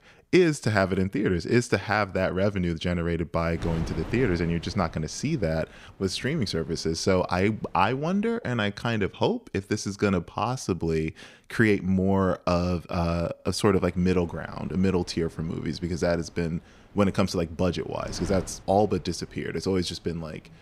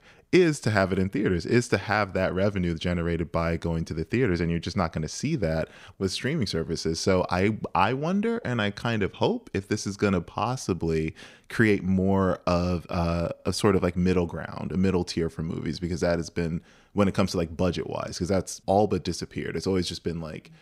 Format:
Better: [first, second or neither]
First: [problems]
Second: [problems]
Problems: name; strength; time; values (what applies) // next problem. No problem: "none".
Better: second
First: wind noise on the microphone; occasional gusts; from 3.5 to 8.5 s and from 14 s on; 20 dB below the speech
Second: none